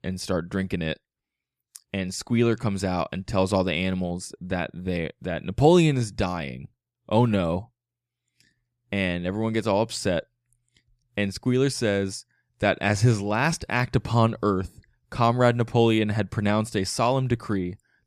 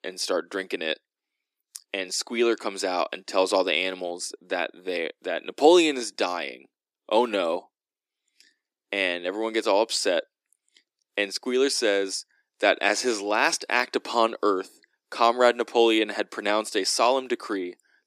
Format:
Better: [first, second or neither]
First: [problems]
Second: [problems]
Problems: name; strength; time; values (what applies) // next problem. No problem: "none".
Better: first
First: none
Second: thin; somewhat; fading below 300 Hz